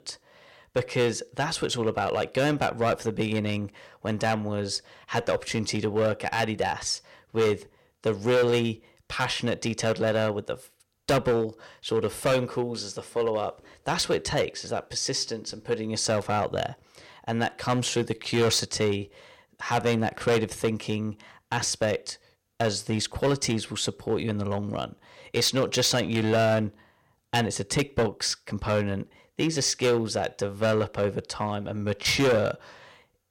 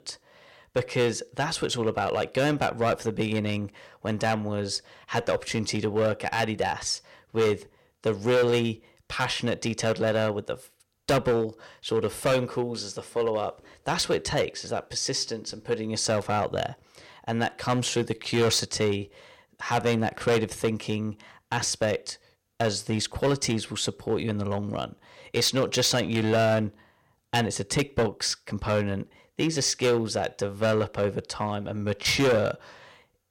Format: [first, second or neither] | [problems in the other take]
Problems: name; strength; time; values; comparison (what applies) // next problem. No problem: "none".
neither | distortion; heavy; 6% of the sound clipped; the same in both